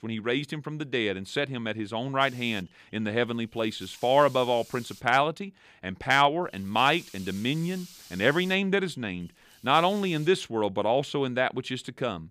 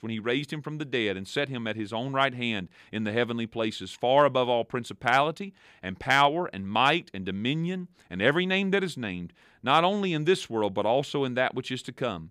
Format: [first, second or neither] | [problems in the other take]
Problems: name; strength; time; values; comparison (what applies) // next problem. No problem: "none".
second | hiss; faint; from 2 to 5 s and from 6.5 to 10 s; 20 dB below the speech